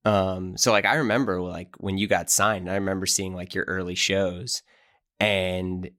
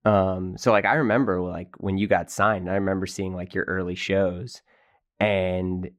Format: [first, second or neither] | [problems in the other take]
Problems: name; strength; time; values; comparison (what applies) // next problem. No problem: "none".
first | muffled; very; fading above 3 kHz